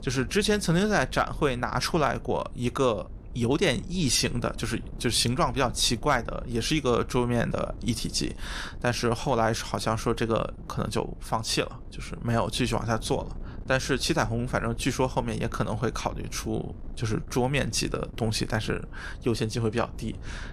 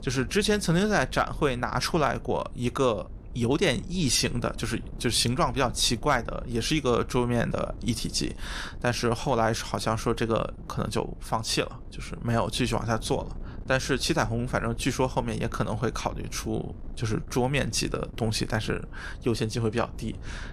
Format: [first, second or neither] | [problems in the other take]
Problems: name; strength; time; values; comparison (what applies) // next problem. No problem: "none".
neither | wind noise on the microphone; occasional gusts; 25 dB below the speech; the same in both